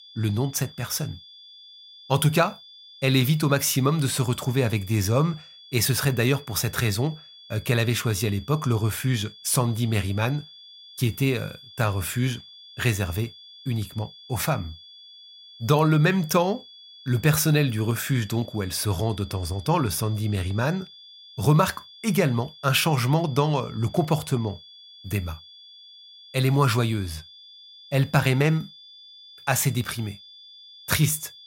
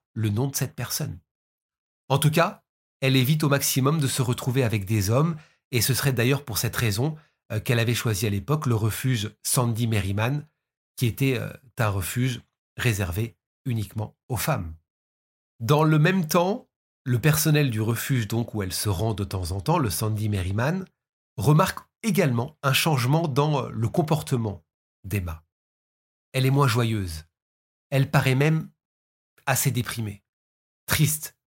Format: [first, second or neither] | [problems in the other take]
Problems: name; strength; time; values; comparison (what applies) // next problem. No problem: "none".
second | high-pitched whine; faint; throughout; 3.5 kHz, 20 dB below the speech